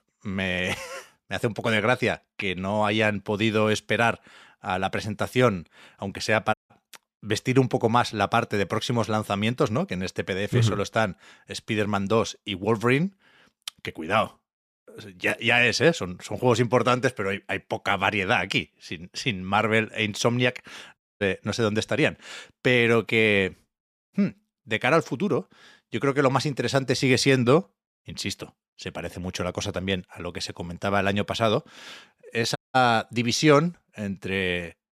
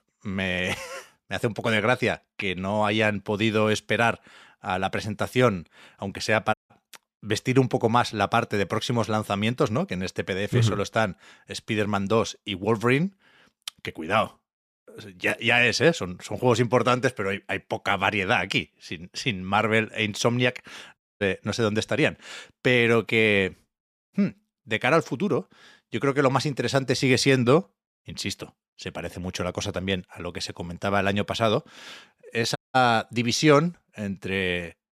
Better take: neither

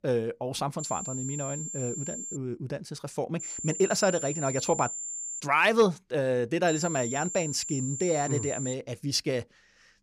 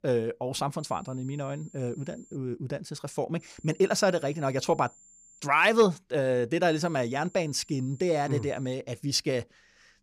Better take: second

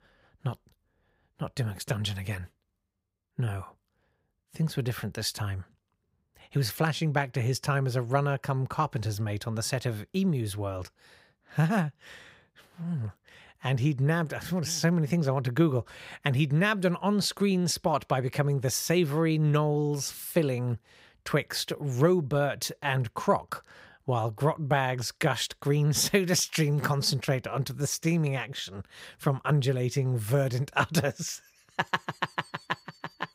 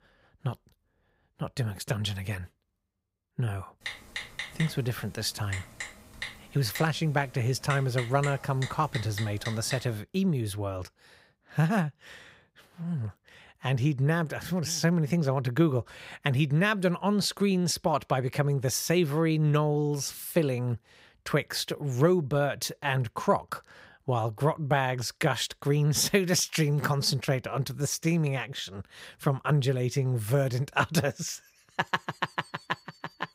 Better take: first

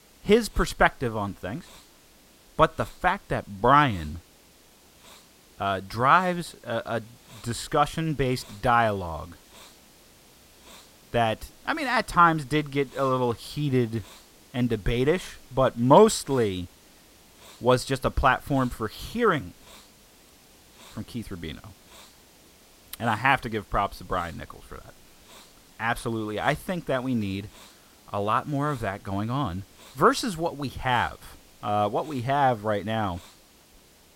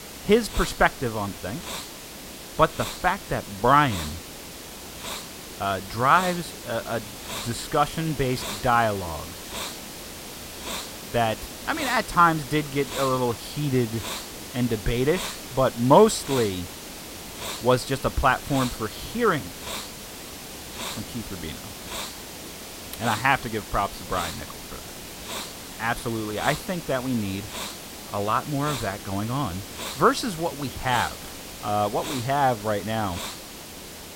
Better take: first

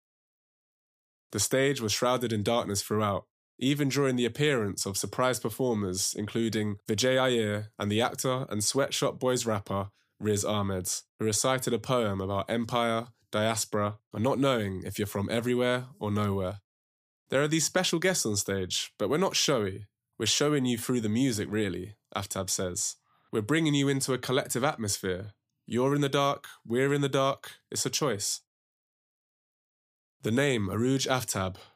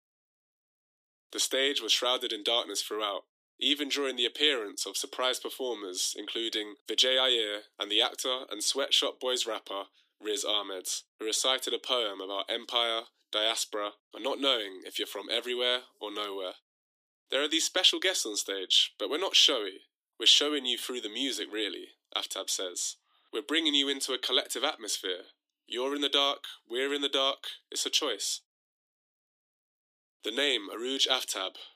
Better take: first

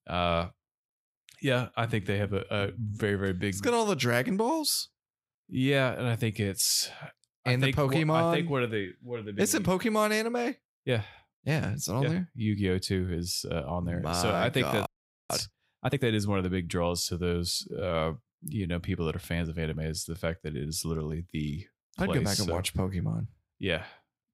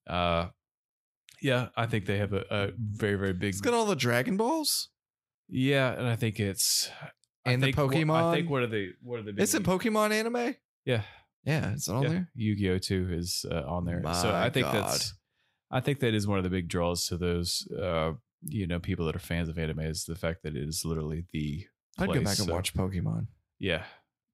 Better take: second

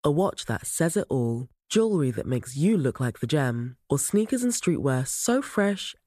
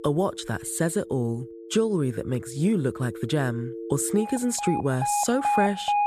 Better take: first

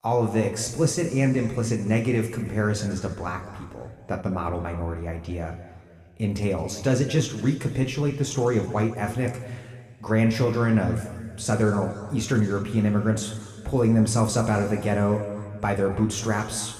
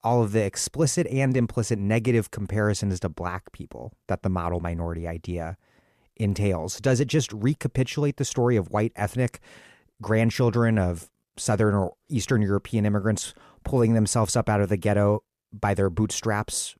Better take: second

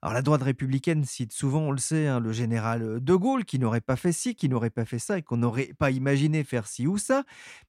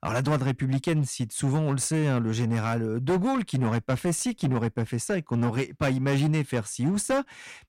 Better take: first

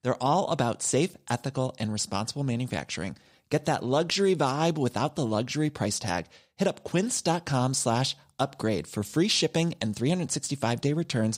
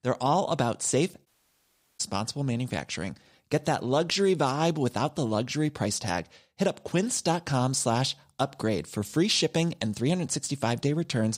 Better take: first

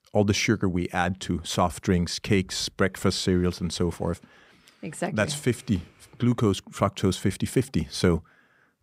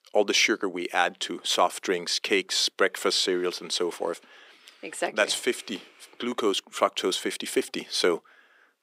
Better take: first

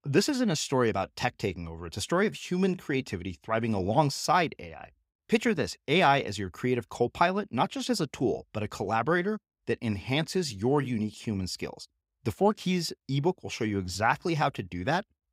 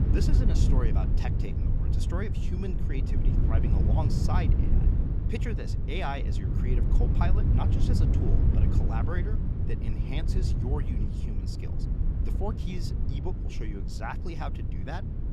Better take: first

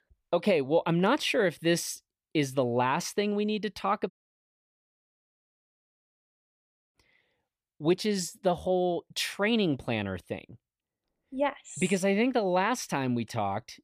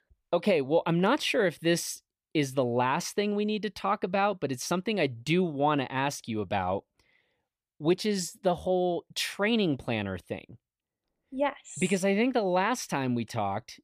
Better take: second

